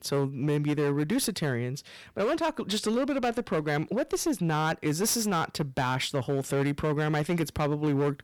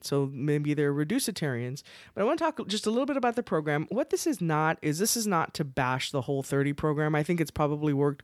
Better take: second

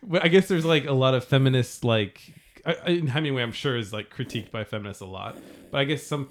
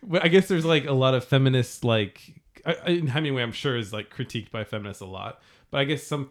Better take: second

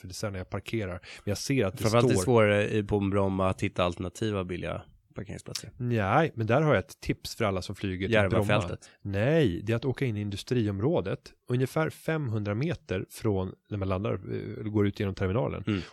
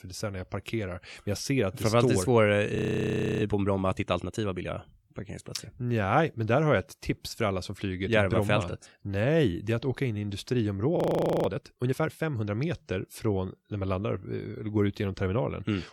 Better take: first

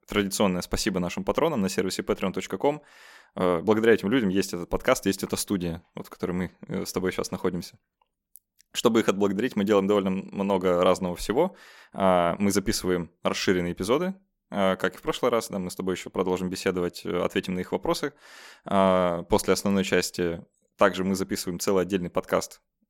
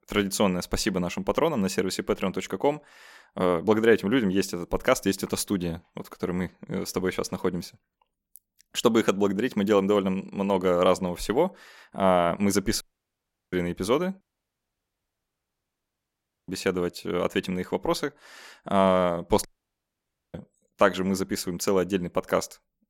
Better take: first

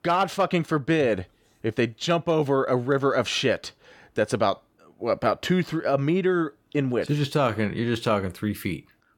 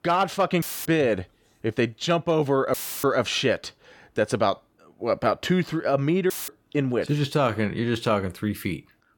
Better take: first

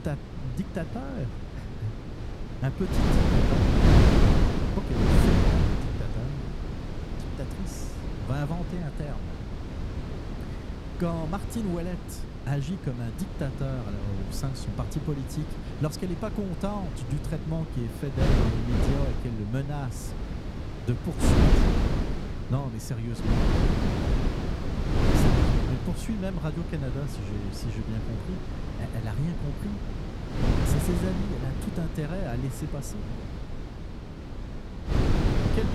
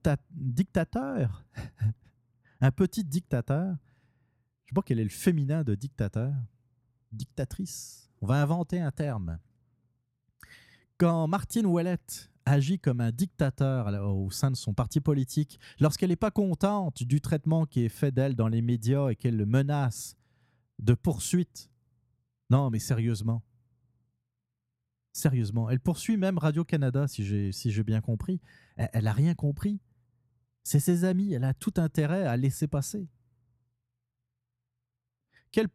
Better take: second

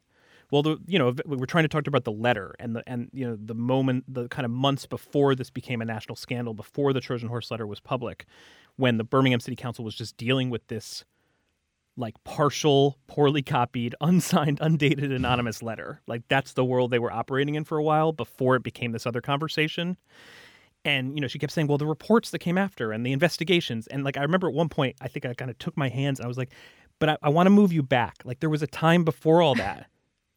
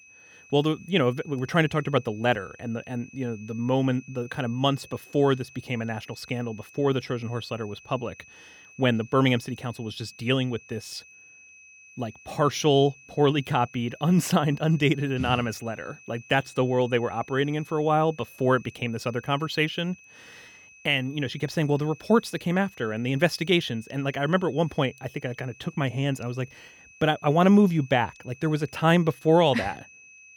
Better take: first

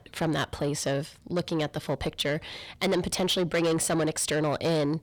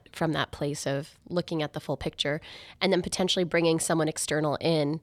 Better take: second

